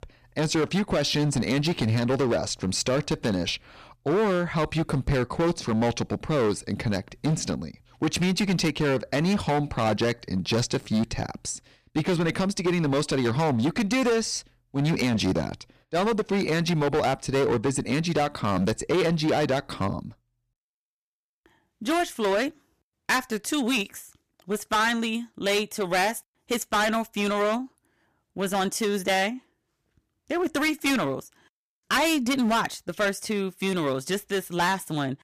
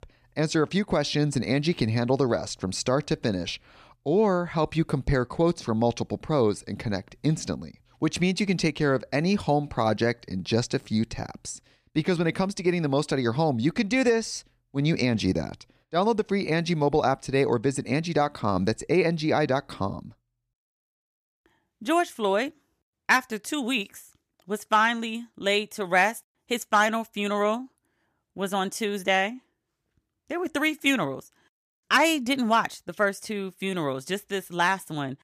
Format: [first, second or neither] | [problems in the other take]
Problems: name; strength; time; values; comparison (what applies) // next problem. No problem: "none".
second | distortion; heavy; 13% of the sound clipped